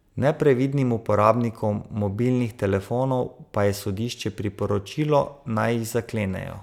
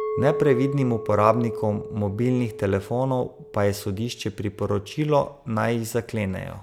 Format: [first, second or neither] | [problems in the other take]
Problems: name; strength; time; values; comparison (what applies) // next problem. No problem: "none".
first | background sound (Chink, clink); 10 dB below the speech